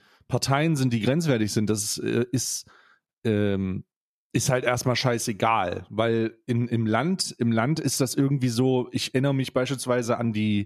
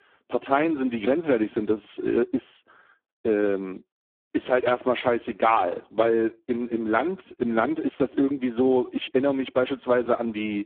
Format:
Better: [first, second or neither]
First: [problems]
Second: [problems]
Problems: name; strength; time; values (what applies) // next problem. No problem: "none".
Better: first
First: none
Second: phone-call audio; poor line